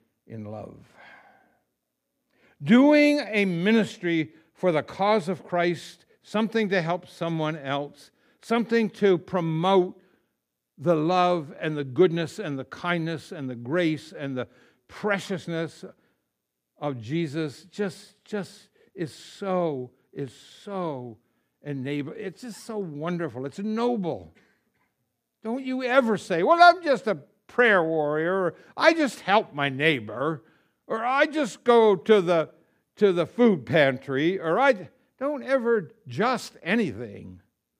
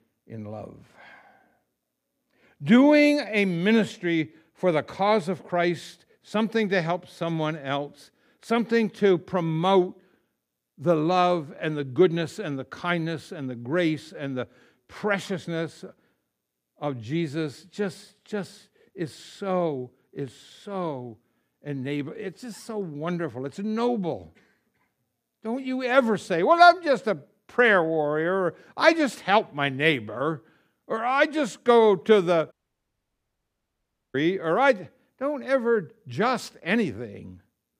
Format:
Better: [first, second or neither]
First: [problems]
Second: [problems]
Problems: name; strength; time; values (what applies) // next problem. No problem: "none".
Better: first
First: none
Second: audio cutting out; at 33 s for 1.5 s